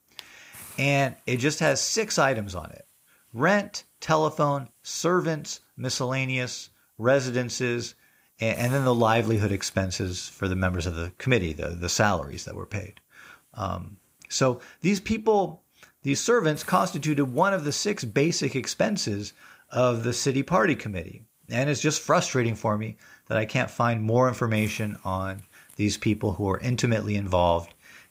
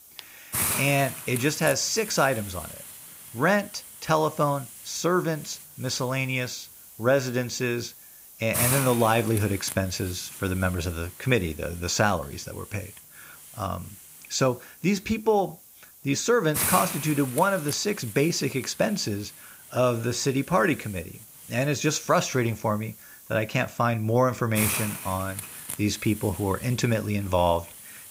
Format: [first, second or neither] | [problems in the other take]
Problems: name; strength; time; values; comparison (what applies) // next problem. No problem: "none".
first | hiss; loud; throughout; 8 dB below the speech; faint in the first